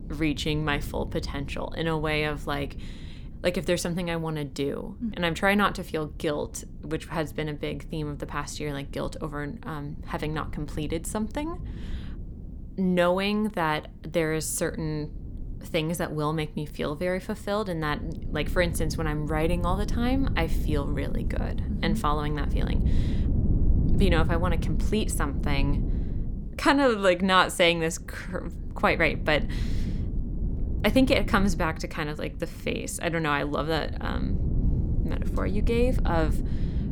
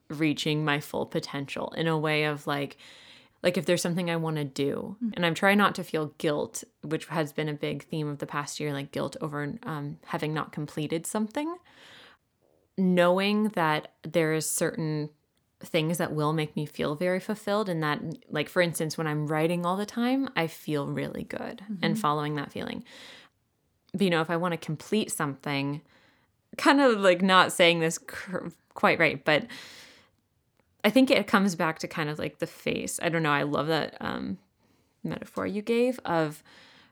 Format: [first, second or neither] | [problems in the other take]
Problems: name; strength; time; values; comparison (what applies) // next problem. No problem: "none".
second | wind noise on the microphone; occasional gusts; 15 dB below the speech